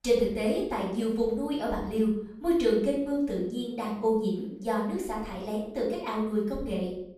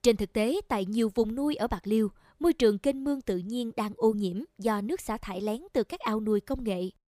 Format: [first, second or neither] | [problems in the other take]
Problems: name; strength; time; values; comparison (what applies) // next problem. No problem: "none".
second | off-mic speech; far // room echo; noticeable; dies away in 0.6 s